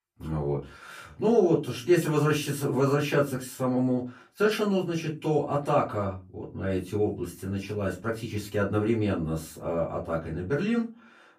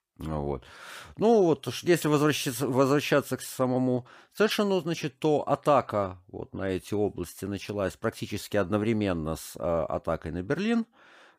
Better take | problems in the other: second | off-mic speech; far // room echo; very slight; dies away in 0.2 s

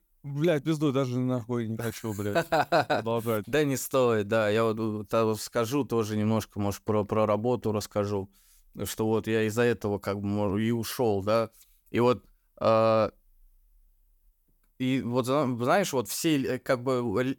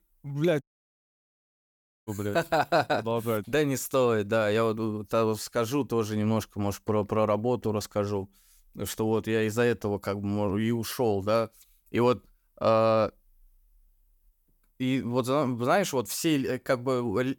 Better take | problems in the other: first | audio cutting out; at 0.5 s for 1.5 s

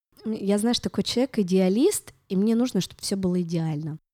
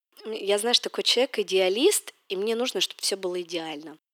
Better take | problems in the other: first | thin; very; fading below 350 Hz

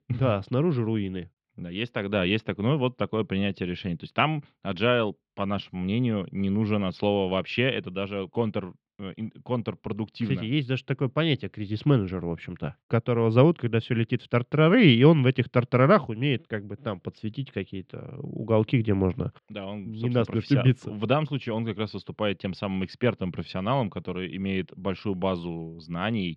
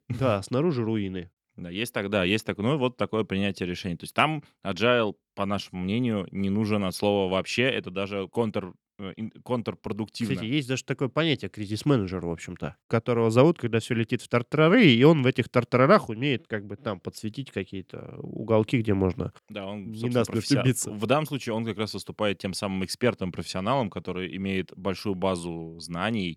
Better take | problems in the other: second | muffled; slightly; fading above 3.5 kHz

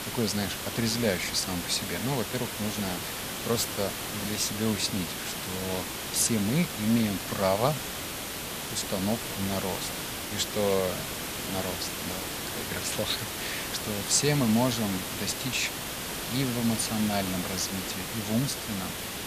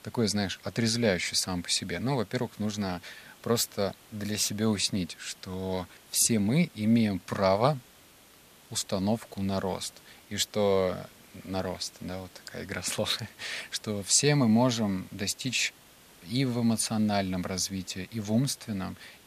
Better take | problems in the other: second | hiss; loud; throughout; 3 dB below the speech; faint in the second

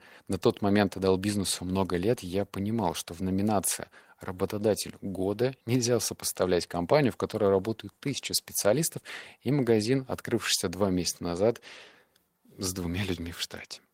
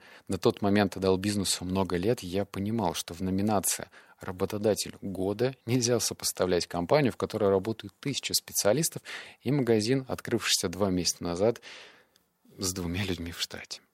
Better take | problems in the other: second | garbled, watery; slightly; nothing above 16 kHz

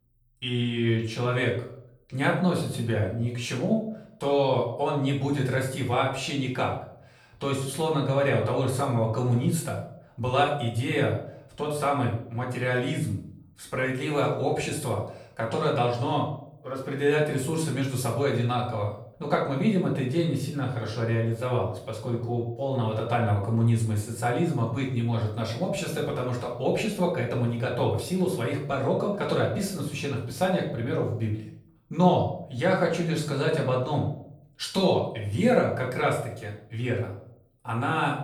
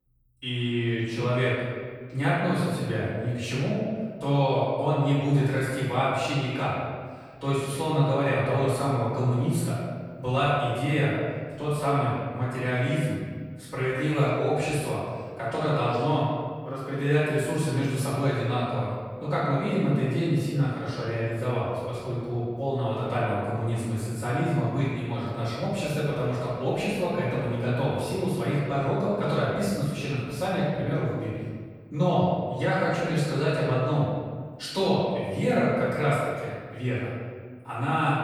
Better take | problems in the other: first | room echo; strong; dies away in 1.5 s; slight in the first // off-mic speech; far; far in the first

